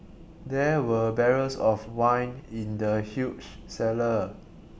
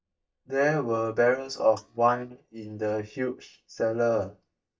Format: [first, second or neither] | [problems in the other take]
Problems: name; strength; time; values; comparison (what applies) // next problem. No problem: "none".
first | noise reduction (neural mask model DeepFilterNet 3)